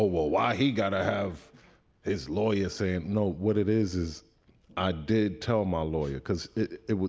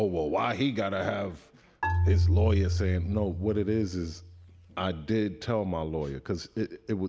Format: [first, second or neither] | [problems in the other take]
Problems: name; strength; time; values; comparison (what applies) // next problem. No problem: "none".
first | background sound (Marimba, xylophone); 2 dB above the speech